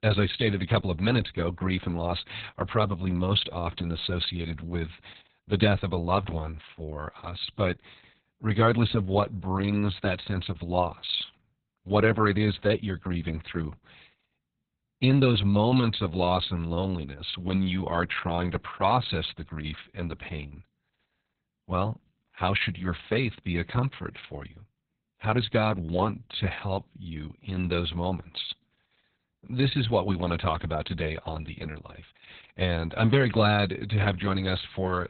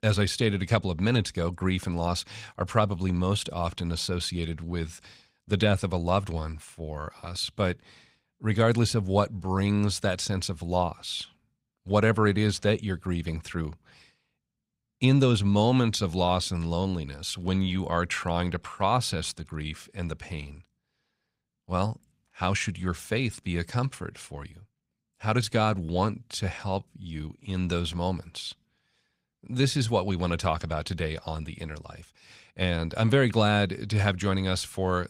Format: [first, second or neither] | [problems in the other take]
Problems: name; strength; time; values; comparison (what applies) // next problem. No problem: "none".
second | garbled, watery; badly; nothing above 4 kHz; slightly in the second